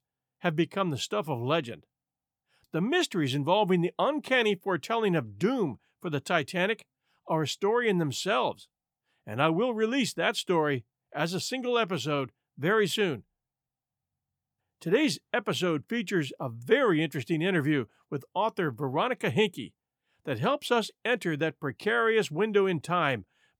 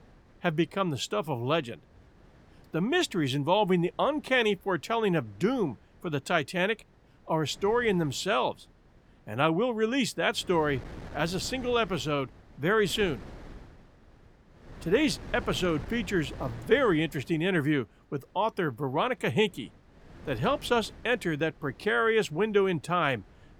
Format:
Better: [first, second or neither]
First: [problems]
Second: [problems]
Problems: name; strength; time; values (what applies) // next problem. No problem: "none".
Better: first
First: none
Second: wind noise on the microphone; occasional gusts; 25 dB below the speech